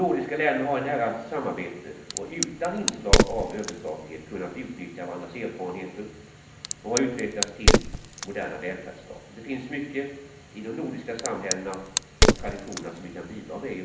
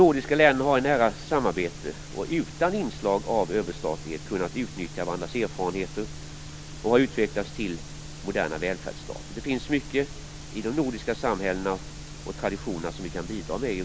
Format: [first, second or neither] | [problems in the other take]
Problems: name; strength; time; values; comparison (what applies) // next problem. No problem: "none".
second | background sound (Crack); 3 dB above the speech // room echo; dies away in 0.8 s